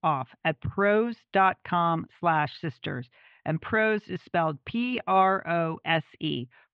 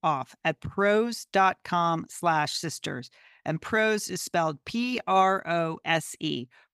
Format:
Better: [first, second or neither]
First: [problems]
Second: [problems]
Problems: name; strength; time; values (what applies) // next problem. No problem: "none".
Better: second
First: muffled; very; fading above 3 kHz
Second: none